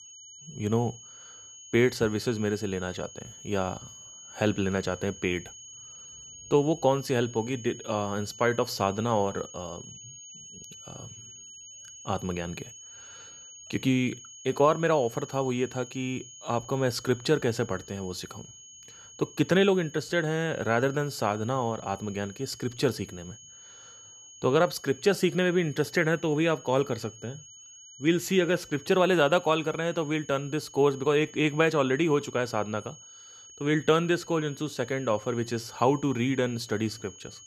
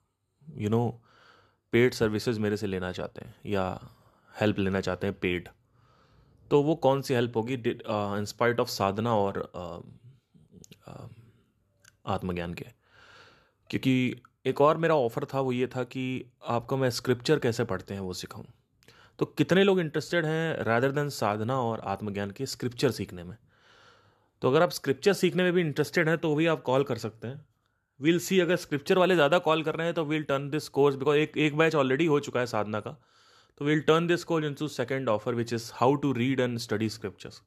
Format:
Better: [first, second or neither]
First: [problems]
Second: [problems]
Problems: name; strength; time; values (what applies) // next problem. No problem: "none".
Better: second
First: high-pitched whine; noticeable; throughout; 6.5 kHz, 15 dB below the speech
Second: none